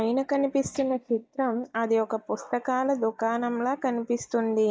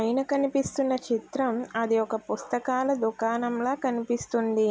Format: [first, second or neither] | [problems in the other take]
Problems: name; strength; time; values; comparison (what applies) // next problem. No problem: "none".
second | noise reduction (neural mask model DeepFilterNet 3)